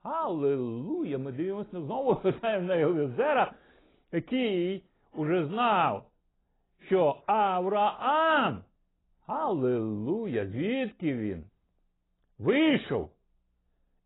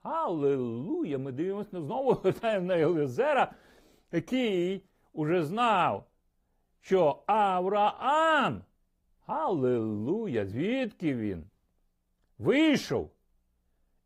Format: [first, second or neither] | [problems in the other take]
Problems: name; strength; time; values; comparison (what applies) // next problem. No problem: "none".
second | garbled, watery; badly; nothing above 3.5 kHz; slightly in the second